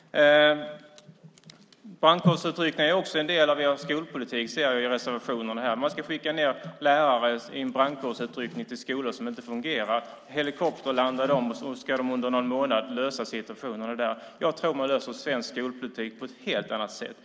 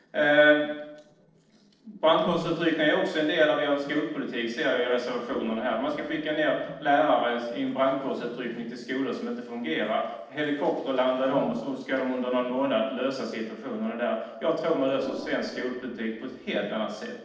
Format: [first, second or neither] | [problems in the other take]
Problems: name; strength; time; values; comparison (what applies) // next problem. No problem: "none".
first | noise reduction (neural separator model SepFormer DNS4)